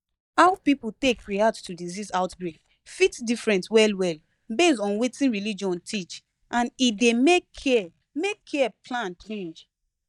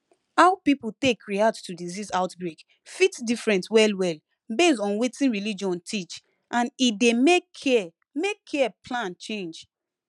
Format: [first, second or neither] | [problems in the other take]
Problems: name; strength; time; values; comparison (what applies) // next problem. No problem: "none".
second | noise reduction (neural mask model DeepFilterNet 3)